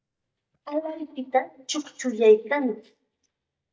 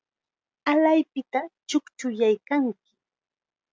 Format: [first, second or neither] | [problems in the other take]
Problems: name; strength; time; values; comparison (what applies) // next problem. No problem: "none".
second | noise reduction (neural mask model DeepFilterNet 3)